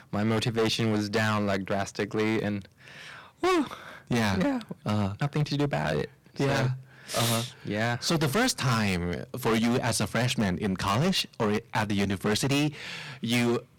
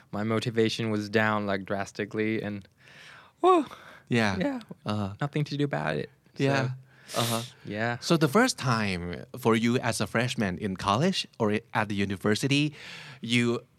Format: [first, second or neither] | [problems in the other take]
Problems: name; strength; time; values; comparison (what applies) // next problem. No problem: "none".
second | distortion; heavy; 13% of the sound clipped